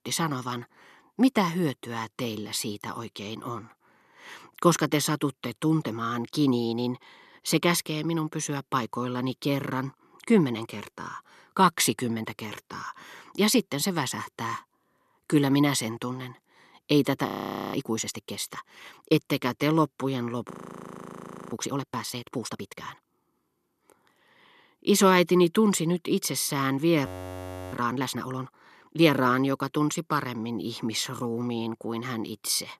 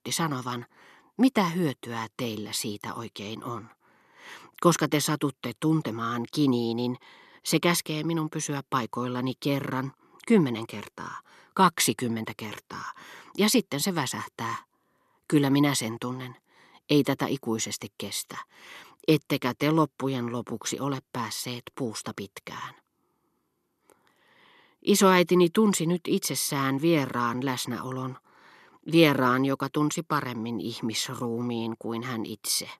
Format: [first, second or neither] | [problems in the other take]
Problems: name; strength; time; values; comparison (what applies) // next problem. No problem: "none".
second | audio freezing; at 17 s, at 21 s for 1 s and at 27 s for 0.5 s